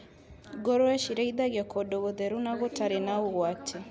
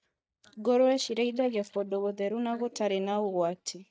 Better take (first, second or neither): first